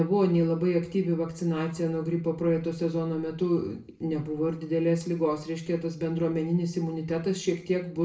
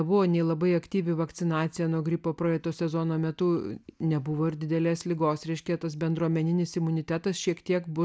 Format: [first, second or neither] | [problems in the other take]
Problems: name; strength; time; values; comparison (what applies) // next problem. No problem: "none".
second | room echo; dies away in 0.4 s